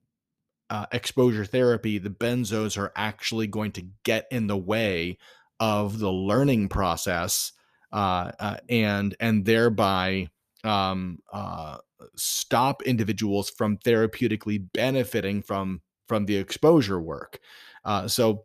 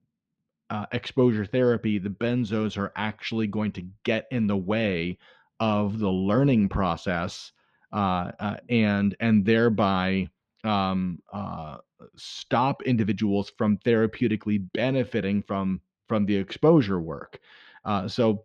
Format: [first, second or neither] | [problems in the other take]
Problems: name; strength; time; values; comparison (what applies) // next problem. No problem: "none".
first | muffled; slightly; fading above 3.5 kHz